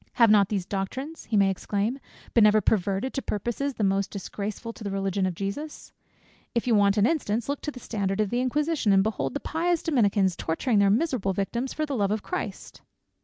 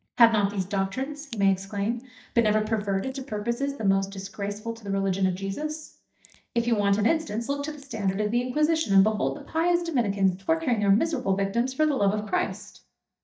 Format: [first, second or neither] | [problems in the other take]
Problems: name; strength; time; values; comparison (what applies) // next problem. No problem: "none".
first | noise reduction (neural mask model DeepFilterNet 3)